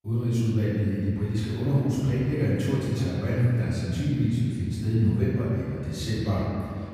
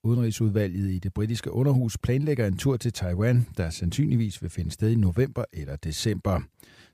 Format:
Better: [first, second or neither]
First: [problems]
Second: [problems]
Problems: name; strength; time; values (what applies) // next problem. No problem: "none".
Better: second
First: off-mic speech; far // room echo; strong; dies away in 2.5 s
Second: none